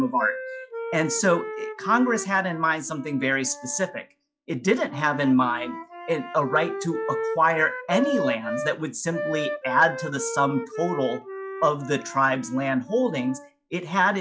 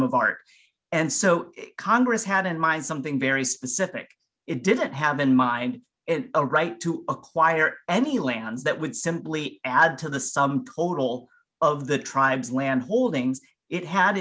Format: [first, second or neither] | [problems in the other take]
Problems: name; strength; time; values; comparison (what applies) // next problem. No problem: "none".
second | noise reduction (classical method log-MMSE)